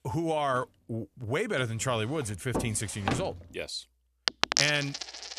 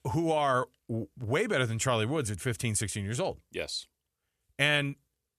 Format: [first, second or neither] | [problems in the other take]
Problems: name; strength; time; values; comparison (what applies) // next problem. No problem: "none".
second | household noises; very loud; throughout; as loud as the speech